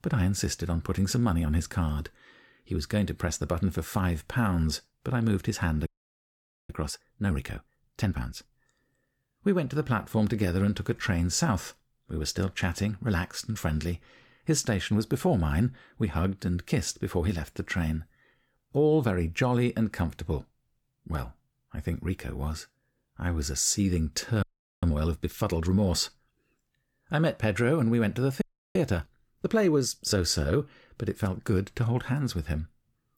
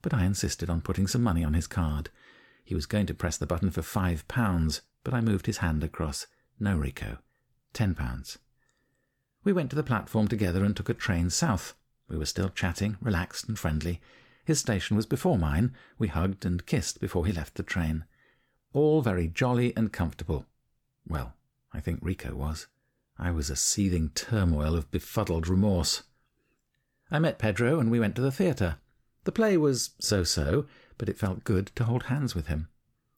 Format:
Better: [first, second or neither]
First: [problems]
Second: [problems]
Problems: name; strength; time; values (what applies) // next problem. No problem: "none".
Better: second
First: audio freezing; at 6 s for 1 s, at 24 s and at 28 s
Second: none